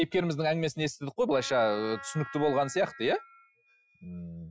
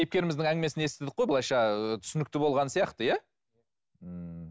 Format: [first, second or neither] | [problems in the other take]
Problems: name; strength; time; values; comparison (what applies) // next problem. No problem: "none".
second | noise reduction (classical method Wiener filter)